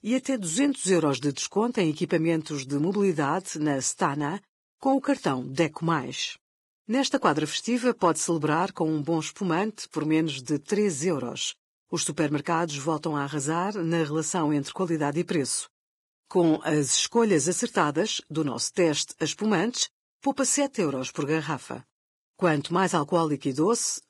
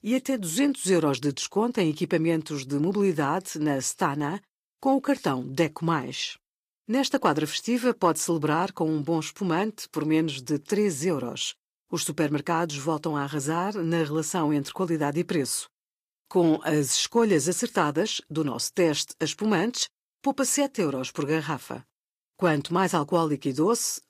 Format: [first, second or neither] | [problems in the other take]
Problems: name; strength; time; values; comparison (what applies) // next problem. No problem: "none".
second | garbled, watery; badly; nothing above 10 kHz; slightly in the second